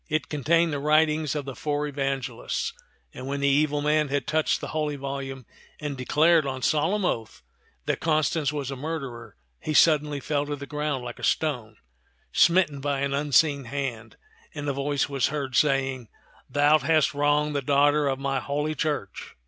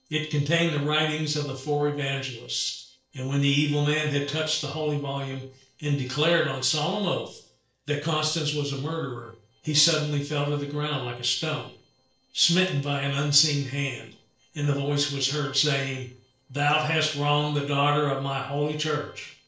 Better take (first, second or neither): first